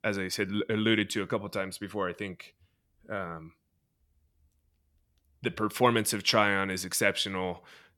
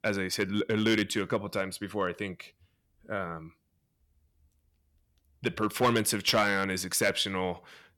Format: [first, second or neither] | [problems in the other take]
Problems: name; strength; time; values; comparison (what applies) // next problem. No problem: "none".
first | distortion; slight; 1.3% of the sound clipped